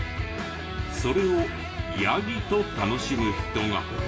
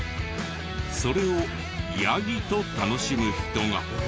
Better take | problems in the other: second | room echo; dies away in 0.7 s

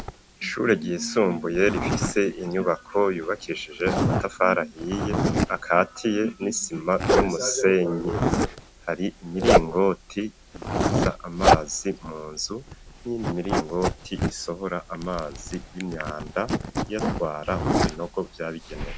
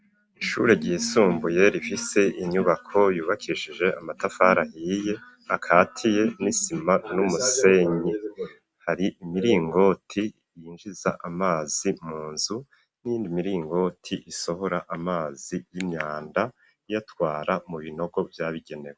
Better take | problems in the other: second | background sound (Zipper (clothing)); 1 dB below the speech

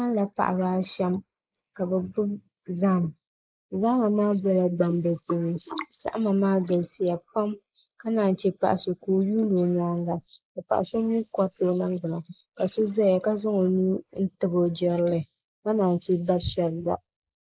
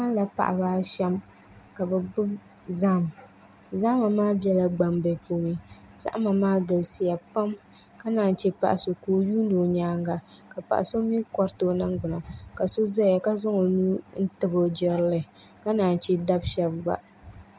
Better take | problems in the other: second | noise reduction (neural mask model Resemble Enhance denoiser)

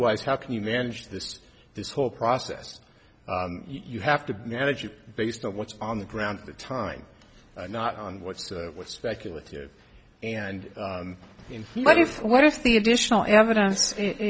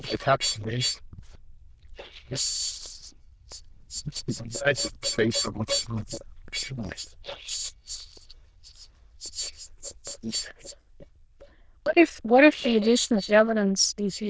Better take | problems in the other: first | noise reduction (neural diffusion model UNIVERSE++)

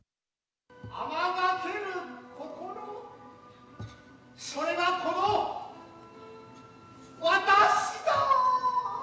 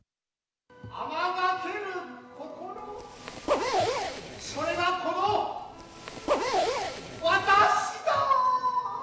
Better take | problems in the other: first | background sound (Zipper (clothing)); 2 dB below the speech

